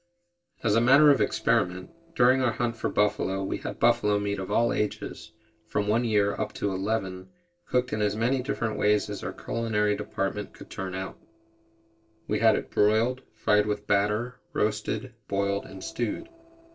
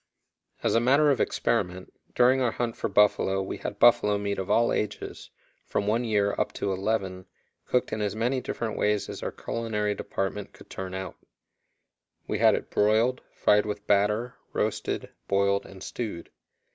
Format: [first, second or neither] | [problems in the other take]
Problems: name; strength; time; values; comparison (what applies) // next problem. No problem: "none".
second | noise reduction (neural separator model SepFormer DNS4)